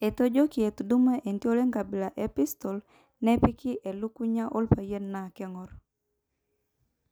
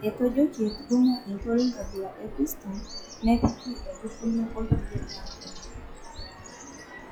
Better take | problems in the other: first | noise reduction (classical method log-MMSE)

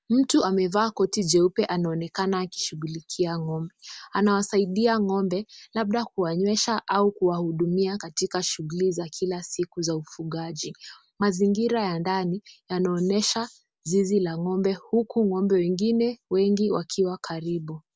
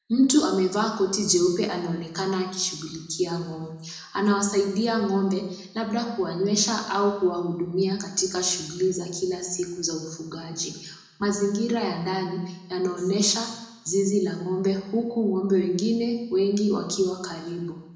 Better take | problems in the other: first | room echo; dies away in 0.9 s

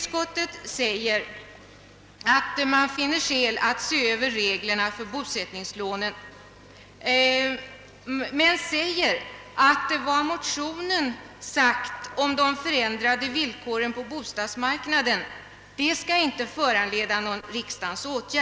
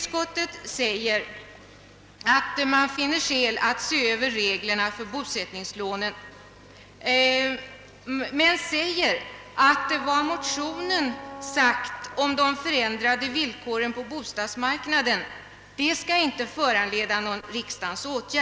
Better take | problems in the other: first | background sound (Wind instrument, woodwind instrument); 15 dB below the speech

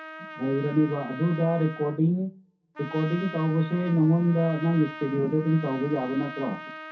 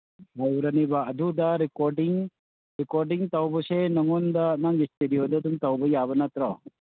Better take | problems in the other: second | background sound (Trumpet); 15 dB below the speech // room echo; dies away in 0.3 s

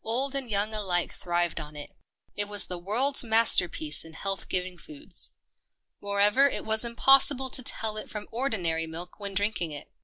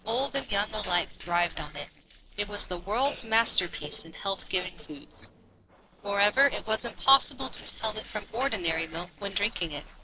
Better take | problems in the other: first | noise reduction (neural separator model SepFormer DNS4)

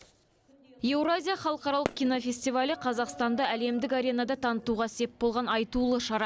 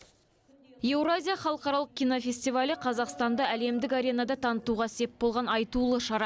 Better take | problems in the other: second | background sound (Fireworks); 12 dB below the speech

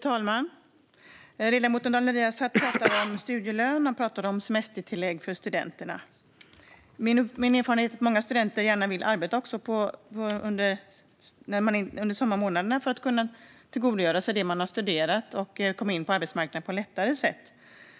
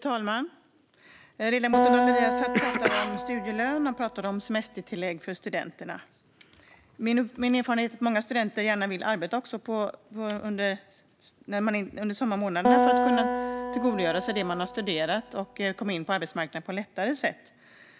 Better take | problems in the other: first | background sound (Acoustic guitar); 1 dB above the speech

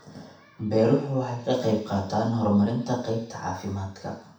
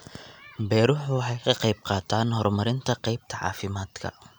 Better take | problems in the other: second | room echo; dies away in 0.7 s

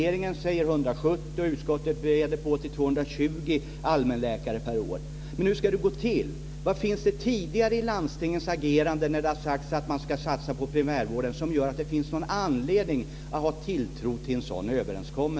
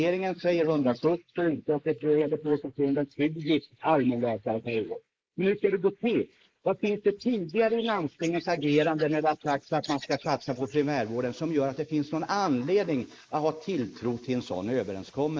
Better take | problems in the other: first | noise reduction (neural mask model Resemble Enhance denoiser)

